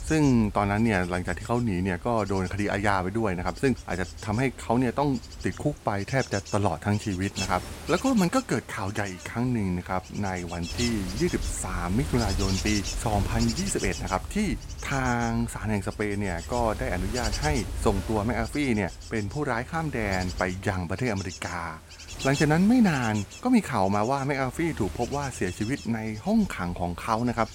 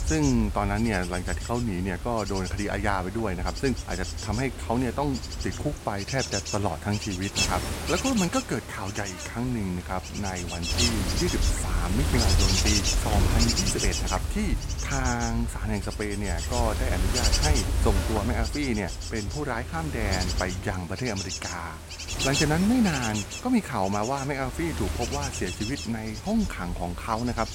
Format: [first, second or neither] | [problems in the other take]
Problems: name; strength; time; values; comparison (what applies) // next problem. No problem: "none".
first | wind noise on the microphone; heavy; 1 dB below the speech; occasional gusts in the first